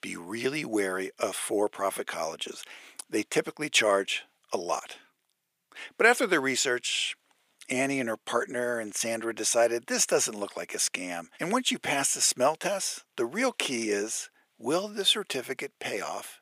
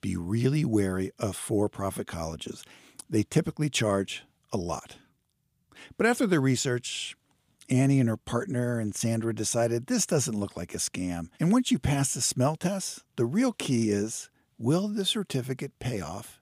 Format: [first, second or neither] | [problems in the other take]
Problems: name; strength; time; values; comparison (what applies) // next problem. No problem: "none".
second | thin; somewhat; fading below 500 Hz